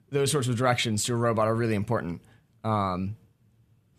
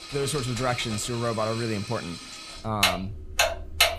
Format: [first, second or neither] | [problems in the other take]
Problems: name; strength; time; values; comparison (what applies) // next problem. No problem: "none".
first | household noises; very loud; throughout; as loud as the speech